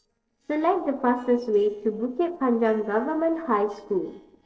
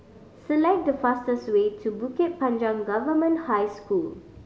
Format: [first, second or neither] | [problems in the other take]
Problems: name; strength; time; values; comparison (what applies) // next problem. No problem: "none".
second | noise reduction (neural separator model SepFormer DNS4)